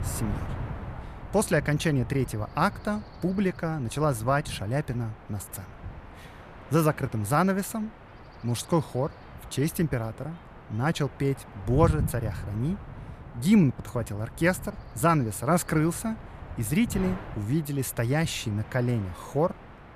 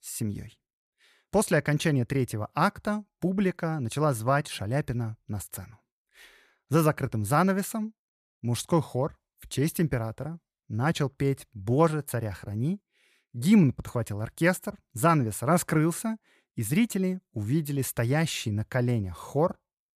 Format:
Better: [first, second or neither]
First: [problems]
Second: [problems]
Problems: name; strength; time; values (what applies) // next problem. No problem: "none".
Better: second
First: wind noise on the microphone; occasional gusts; 15 dB below the speech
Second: none